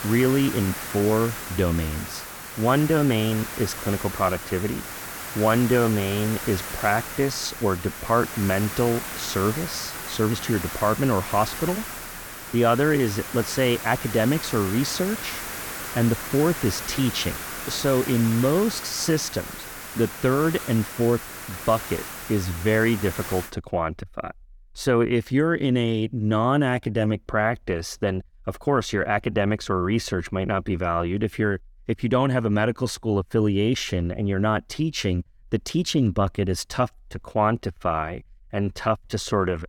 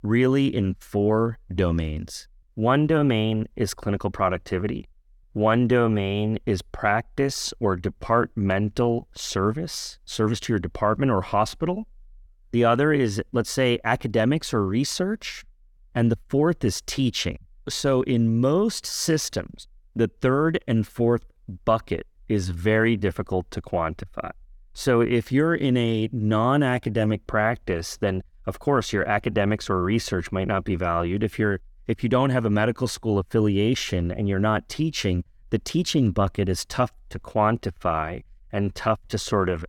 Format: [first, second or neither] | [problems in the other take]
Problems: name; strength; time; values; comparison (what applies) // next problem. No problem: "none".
second | hiss; loud; until 23 s; 8 dB below the speech